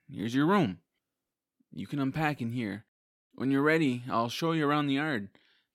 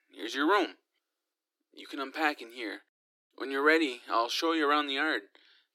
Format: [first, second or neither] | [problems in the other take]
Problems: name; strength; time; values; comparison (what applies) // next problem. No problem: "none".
first | thin; somewhat; fading below 300 Hz